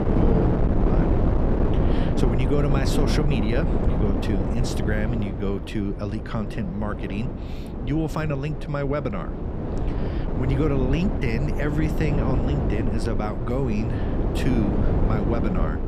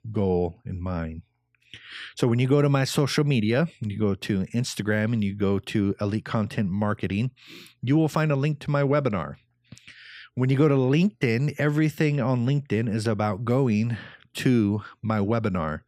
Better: second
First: wind noise on the microphone; heavy; 1 dB below the speech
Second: none

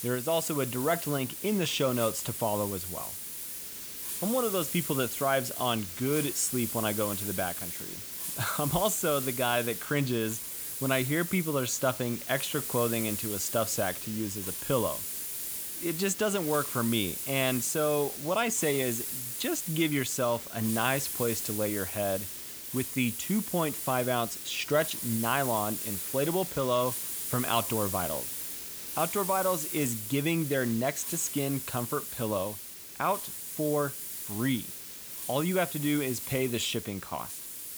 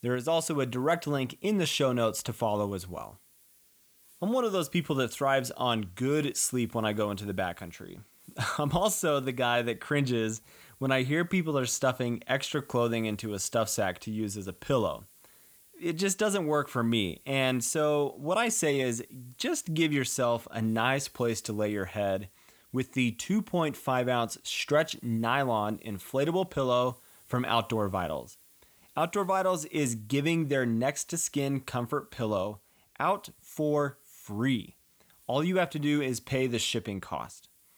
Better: second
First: hiss; loud; throughout; 4 dB below the speech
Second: hiss; faint; throughout; 25 dB below the speech

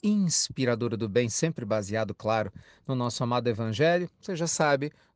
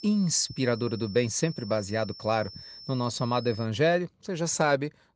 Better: first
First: none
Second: high-pitched whine; noticeable; until 3.5 s; 5.5 kHz, 15 dB below the speech

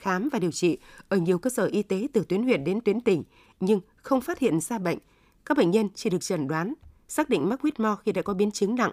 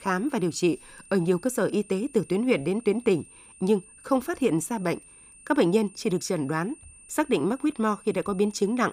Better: first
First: none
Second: high-pitched whine; faint; throughout; 9 kHz, 20 dB below the speech

